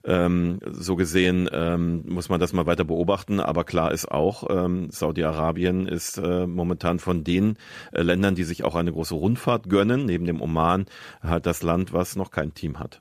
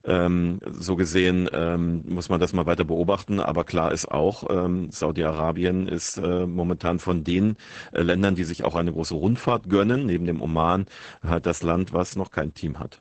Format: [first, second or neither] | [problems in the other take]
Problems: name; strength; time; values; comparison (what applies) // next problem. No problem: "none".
first | garbled, watery; badly; nothing above 8 kHz